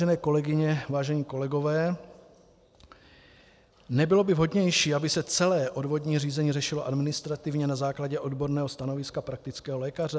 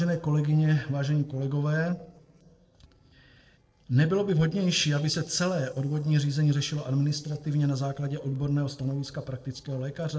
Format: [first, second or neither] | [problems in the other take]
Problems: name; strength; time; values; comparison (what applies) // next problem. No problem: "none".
first | noise reduction (neural separator model SepFormer DNS4)